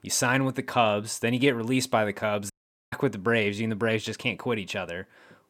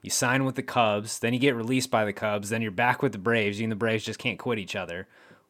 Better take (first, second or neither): second